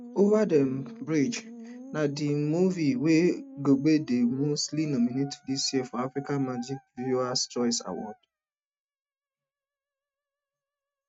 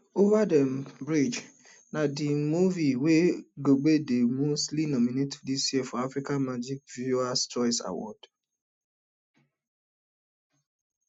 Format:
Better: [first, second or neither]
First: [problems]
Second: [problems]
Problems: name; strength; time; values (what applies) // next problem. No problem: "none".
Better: second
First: noise reduction (neural mask model RNNoise)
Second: none